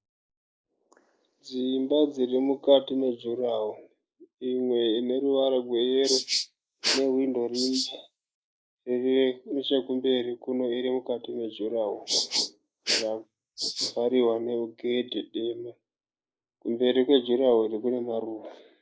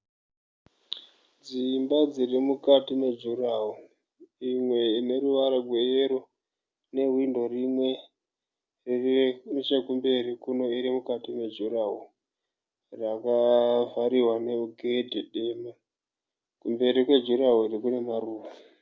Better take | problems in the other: second | noise reduction (neural mask model Resemble Enhance denoiser)

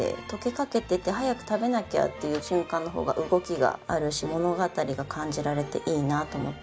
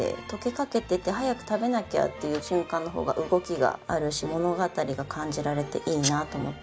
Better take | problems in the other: first | background sound (Domestic sounds, home sounds); 6 dB below the speech

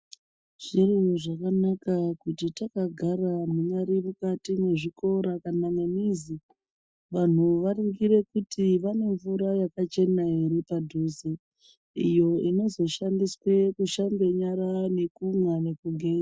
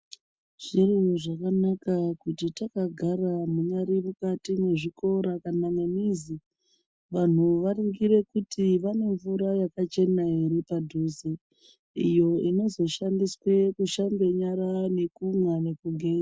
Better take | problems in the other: second | noise reduction (neural mask model DeepFilterNet 3)

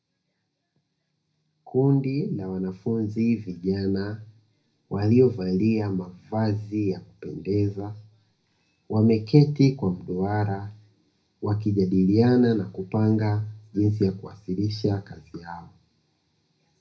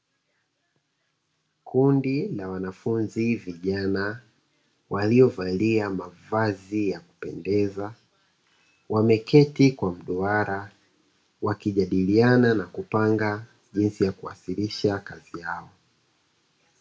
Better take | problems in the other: second | room echo; dies away in 0.4 s

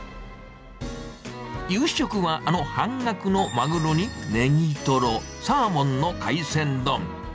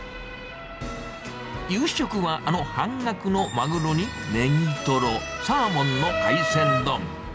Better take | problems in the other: first | background sound (Motor vehicle (road) / Siren); 6 dB below the speech

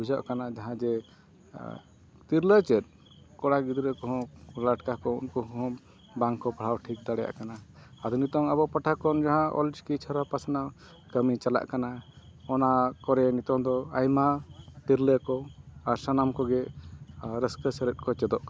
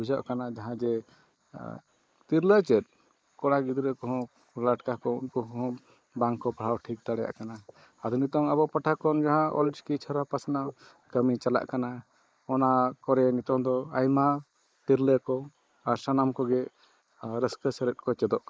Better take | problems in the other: first | noise reduction (neural mask model Resemble Enhance denoiser)

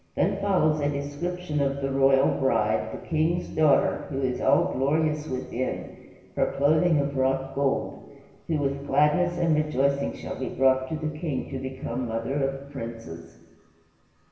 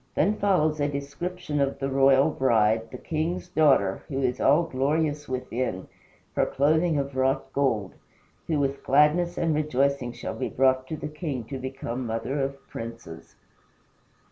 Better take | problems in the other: second | room echo; dies away in 1.2 s

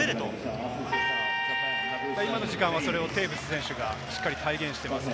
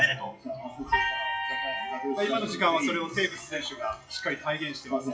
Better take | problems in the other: first | noise reduction (classical method WPE with log-MMSE)

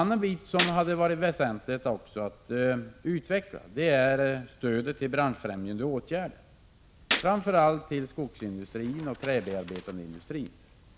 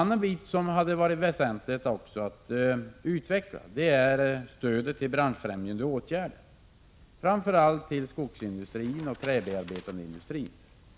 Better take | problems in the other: second | background sound (Gunshot, gunfire); 8 dB below the speech

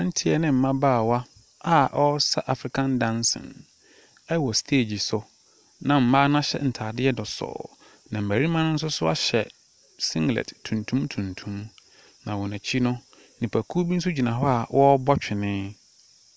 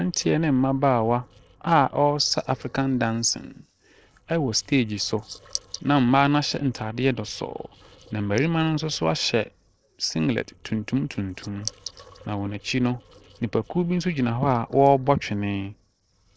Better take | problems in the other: first | noise reduction (neural separator model SepFormer DNS4)

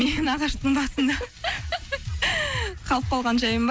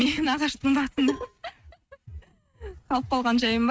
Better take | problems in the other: first | noise reduction (neural mask model RNNoise)

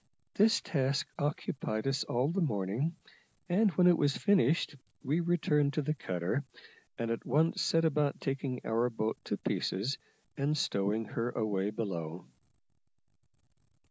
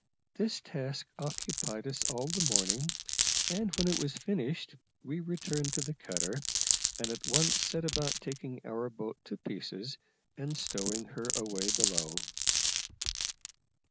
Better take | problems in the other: first | background sound (Glass); 3 dB above the speech

